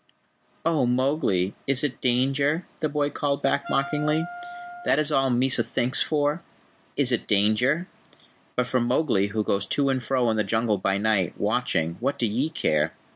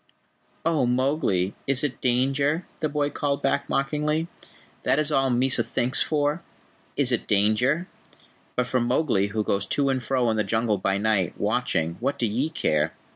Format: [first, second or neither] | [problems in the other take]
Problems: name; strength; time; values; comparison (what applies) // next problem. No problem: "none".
second | background sound (Wind instrument, woodwind instrument); 12 dB below the speech